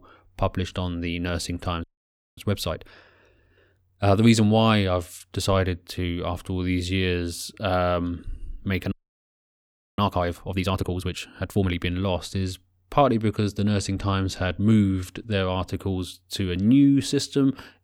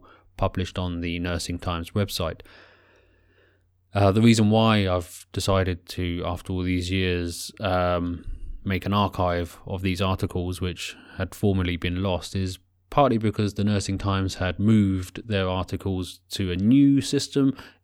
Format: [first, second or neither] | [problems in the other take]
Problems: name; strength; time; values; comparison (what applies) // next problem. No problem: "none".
second | audio freezing; at 2 s for 0.5 s and at 9 s for 1 s